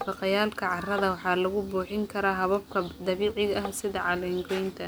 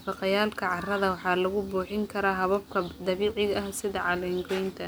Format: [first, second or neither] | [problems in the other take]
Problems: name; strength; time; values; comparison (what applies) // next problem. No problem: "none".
second | background sound (Tap); 12 dB below the speech